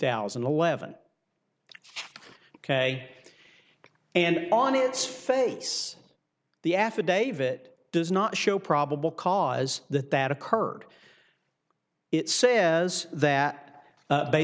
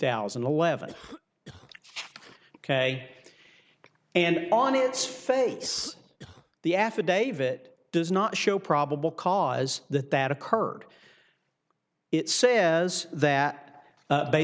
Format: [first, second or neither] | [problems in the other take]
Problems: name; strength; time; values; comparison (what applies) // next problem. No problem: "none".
first | background sound (Cough); 20 dB below the speech